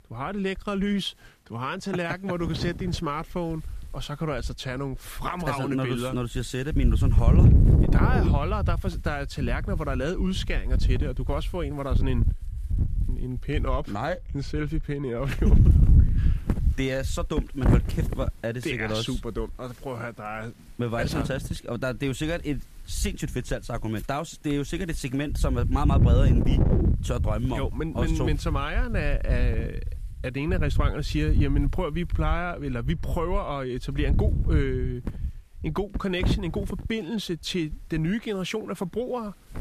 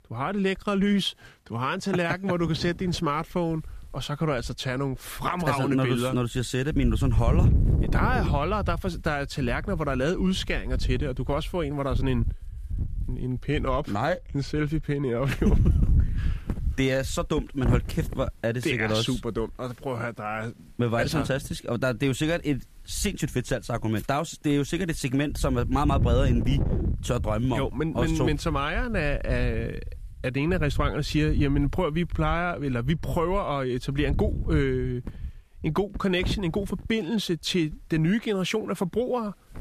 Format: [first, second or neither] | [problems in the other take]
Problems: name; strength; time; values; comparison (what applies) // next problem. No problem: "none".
second | wind noise on the microphone; heavy; 6 dB below the speech; occasional gusts in the second